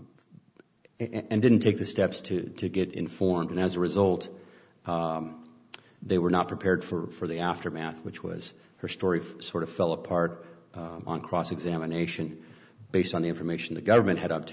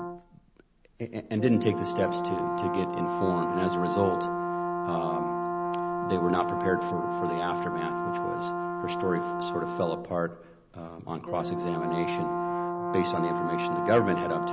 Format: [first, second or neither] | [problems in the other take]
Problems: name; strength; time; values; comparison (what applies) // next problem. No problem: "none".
first | background sound (Brass instrument); as loud as the speech